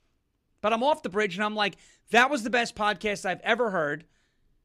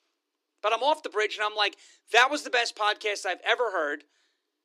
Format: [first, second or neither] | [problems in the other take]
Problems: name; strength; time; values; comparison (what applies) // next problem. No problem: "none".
first | thin; somewhat; fading below 300 Hz